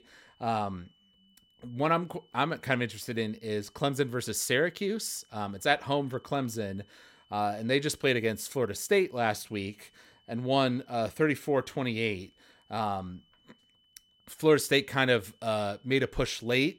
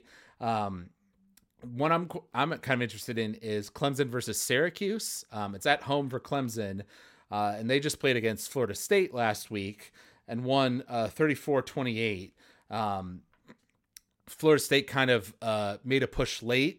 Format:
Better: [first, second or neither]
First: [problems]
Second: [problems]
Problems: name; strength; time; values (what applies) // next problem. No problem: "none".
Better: second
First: high-pitched whine; faint; throughout; 3 kHz, 35 dB below the speech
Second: none